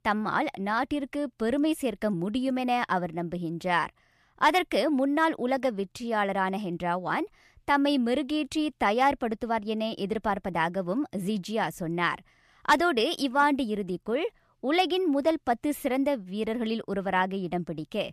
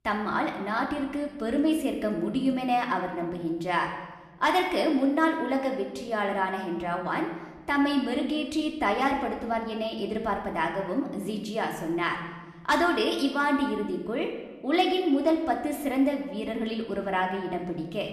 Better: first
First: none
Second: room echo; slight; dies away in 1 s // off-mic speech; somewhat distant

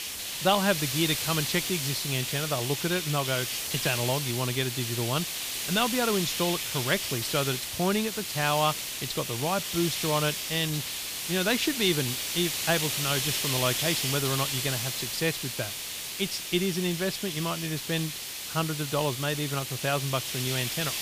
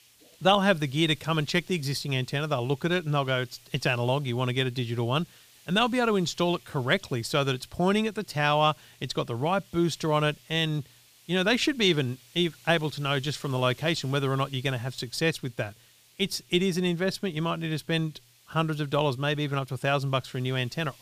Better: second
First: hiss; loud; throughout; 1 dB below the speech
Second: hiss; faint; throughout; 25 dB below the speech

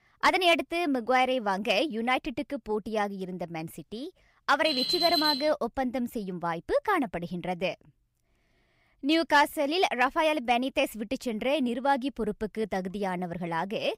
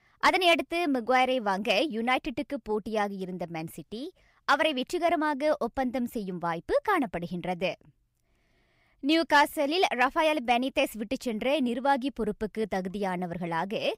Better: second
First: alarm; loud; at 4.5 s; peak 3 dB above the speech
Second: none

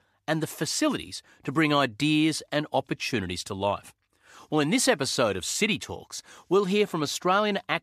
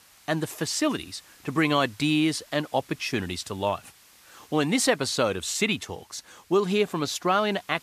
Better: first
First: none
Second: hiss; faint; throughout; 25 dB below the speech

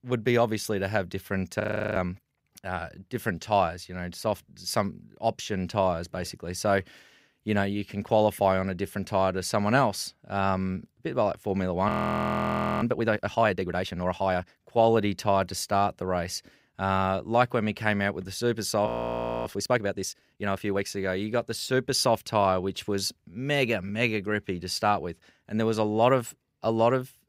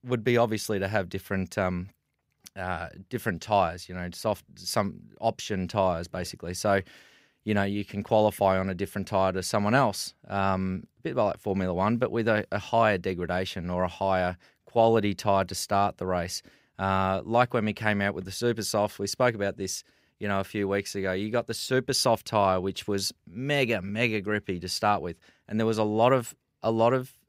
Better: second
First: audio freezing; at 1.5 s, at 12 s for 1 s and at 19 s for 0.5 s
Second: none

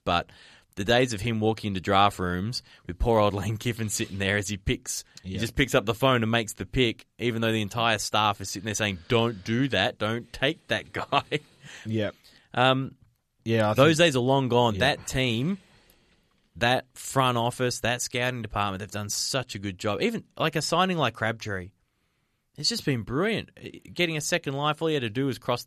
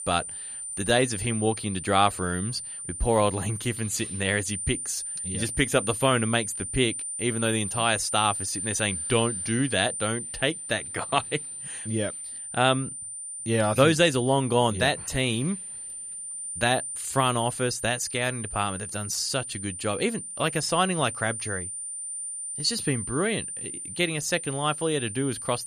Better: first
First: none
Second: high-pitched whine; loud; throughout; 9 kHz, 6 dB below the speech

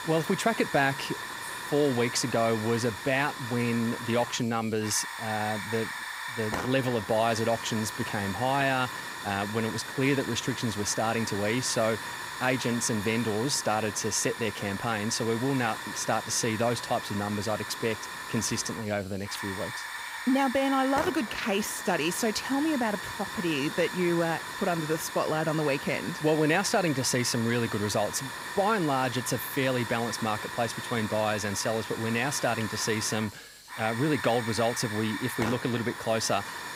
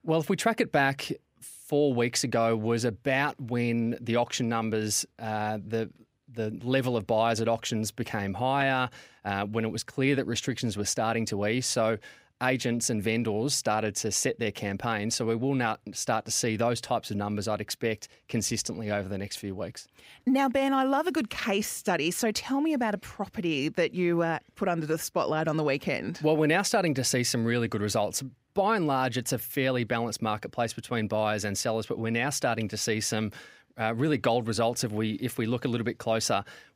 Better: second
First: hiss; loud; throughout; 7 dB below the speech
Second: none

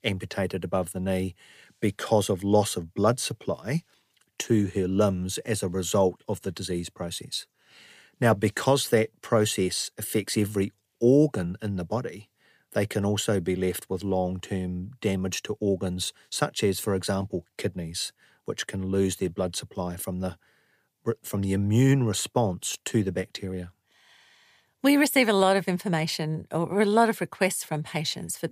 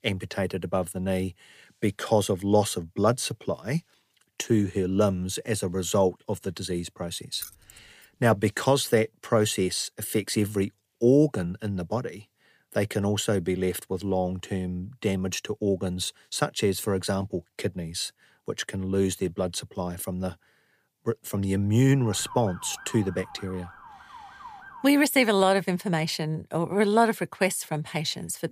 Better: first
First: none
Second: jangling keys; faint; at 7.5 s; peak 15 dB below the speech // siren; faint; from 22 to 25 s; peak 15 dB below the speech

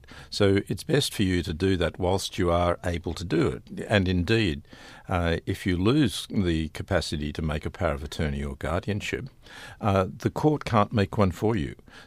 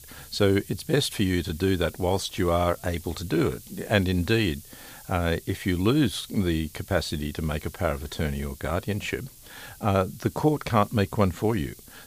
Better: first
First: none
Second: hiss; noticeable; throughout; 20 dB below the speech

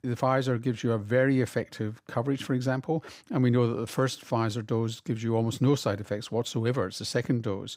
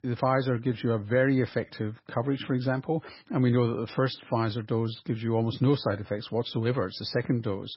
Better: first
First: none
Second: garbled, watery; badly; nothing above 5.5 kHz

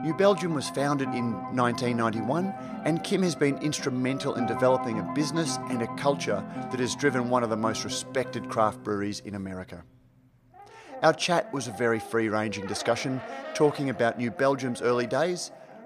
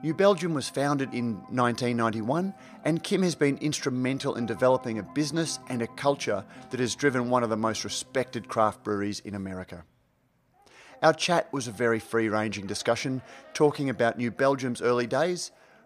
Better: second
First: background music; loud; throughout; 10 dB below the speech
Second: background music; faint; throughout; 25 dB below the speech

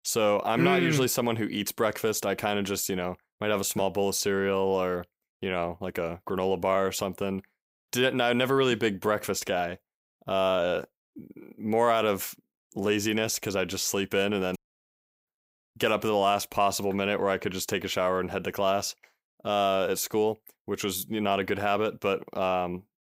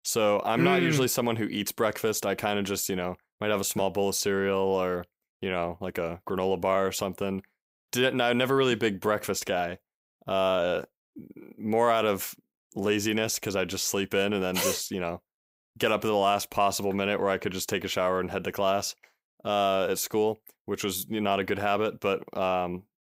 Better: second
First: audio cutting out; at 15 s for 0.5 s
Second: none

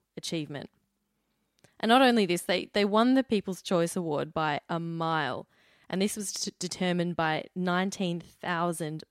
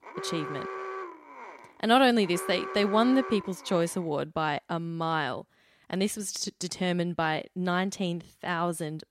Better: first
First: none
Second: alarm; noticeable; until 4 s; peak 8 dB below the speech

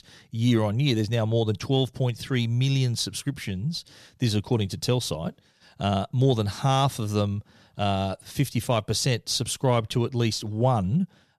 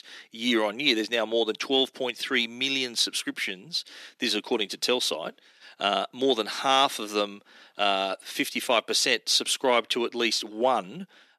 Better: first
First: none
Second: thin; somewhat; fading below 250 Hz

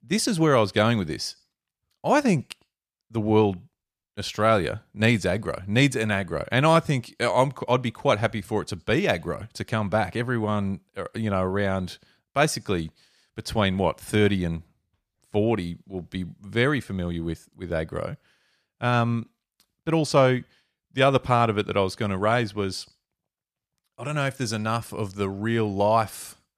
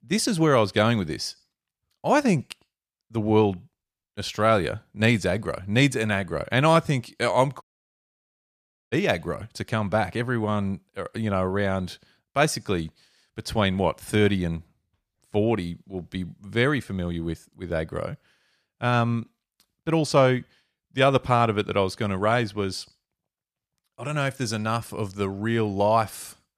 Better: first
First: none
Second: audio cutting out; at 7.5 s for 1.5 s

